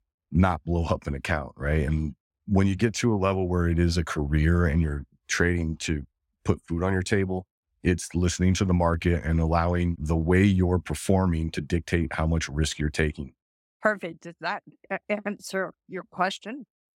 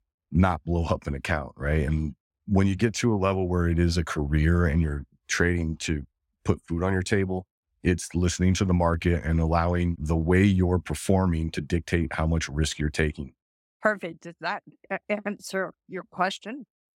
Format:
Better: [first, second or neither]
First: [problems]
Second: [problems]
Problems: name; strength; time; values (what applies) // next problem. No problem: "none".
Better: neither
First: none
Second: none